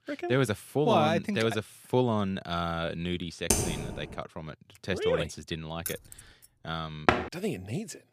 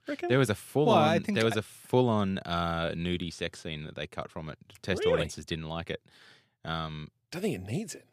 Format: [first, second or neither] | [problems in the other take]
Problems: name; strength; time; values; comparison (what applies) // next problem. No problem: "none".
second | keyboard typing; loud; at 3.5 s; peak 3 dB above the speech // jangling keys; noticeable; at 6 s; peak 8 dB below the speech // door banging; loud; at 7 s; peak 4 dB above the speech